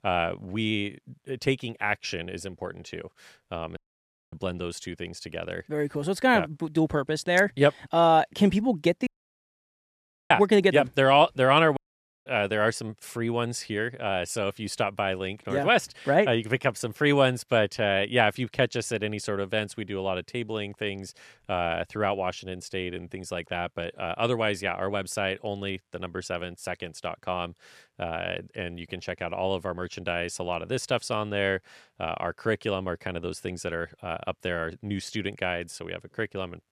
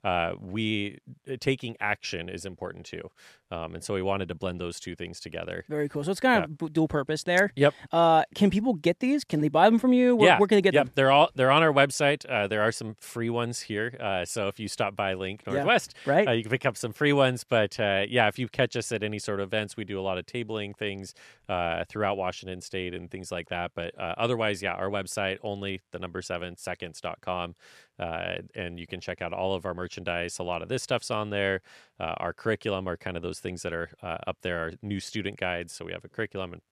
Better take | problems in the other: second | audio cutting out; at 4 s for 0.5 s, at 9 s for 1 s and at 12 s

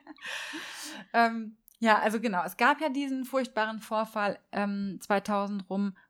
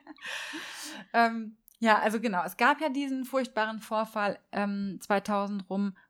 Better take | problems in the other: neither | none

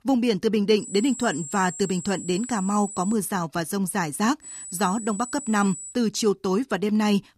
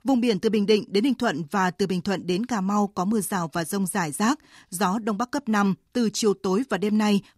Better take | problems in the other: second | high-pitched whine; noticeable; from 1 to 3 s and from 4.5 to 6 s; 8 kHz, 10 dB below the speech

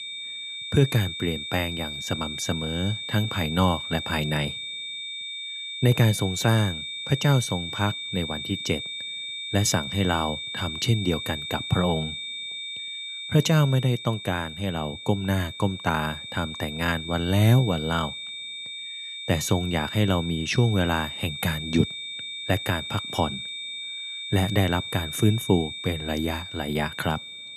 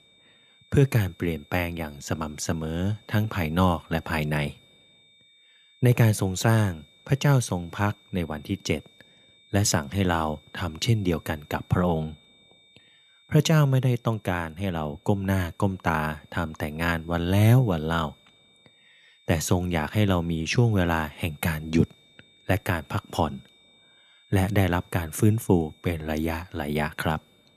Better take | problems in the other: second | high-pitched whine; loud; throughout; 3.5 kHz, 7 dB below the speech; faint in the second

